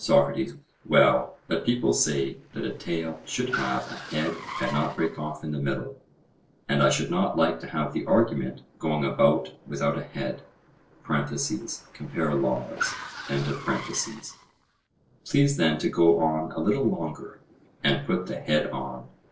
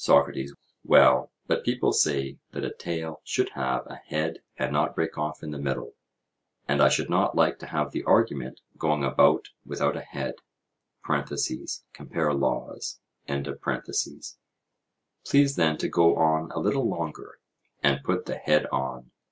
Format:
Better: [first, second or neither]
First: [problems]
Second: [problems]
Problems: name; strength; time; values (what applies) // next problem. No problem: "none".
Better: second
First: noise reduction (neural separator model SepFormer DNS4)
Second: none